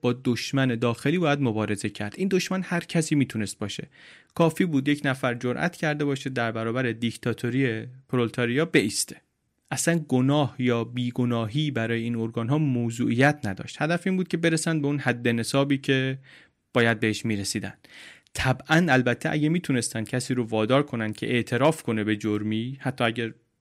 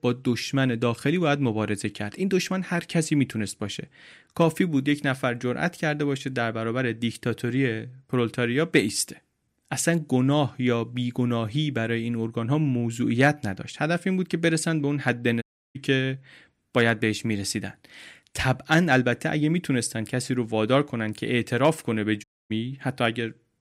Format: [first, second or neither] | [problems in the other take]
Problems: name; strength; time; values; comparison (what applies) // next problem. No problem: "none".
first | audio cutting out; at 15 s and at 22 s